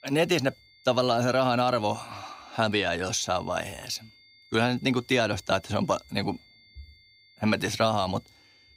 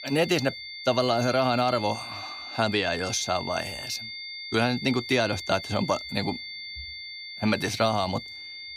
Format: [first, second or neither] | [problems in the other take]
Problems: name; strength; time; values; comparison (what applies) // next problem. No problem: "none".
first | high-pitched whine; loud; throughout; 2 kHz, 9 dB below the speech; faint in the first